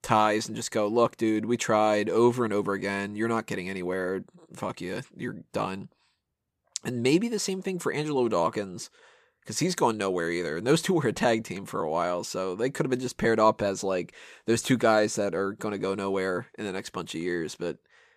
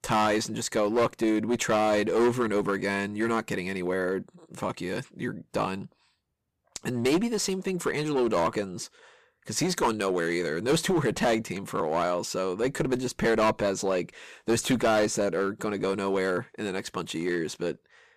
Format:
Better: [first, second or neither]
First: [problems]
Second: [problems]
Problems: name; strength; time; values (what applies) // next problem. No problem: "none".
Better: first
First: none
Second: distortion; slight; 7% of the sound clipped